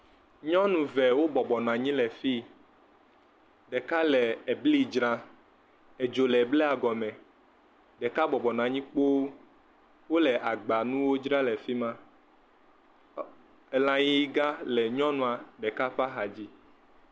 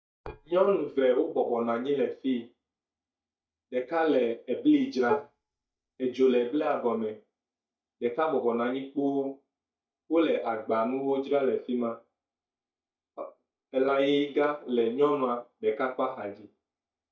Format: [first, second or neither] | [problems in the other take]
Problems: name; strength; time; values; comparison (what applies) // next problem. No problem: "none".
first | noise reduction (neural mask model DeepFilterNet 3)